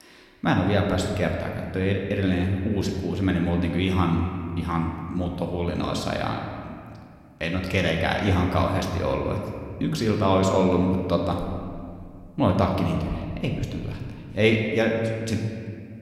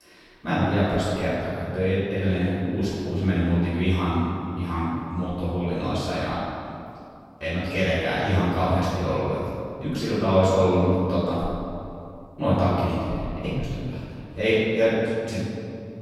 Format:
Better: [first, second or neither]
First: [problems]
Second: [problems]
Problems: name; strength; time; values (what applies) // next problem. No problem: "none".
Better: first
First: room echo; slight; dies away in 1.9 s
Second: room echo; strong; dies away in 2.2 s // off-mic speech; far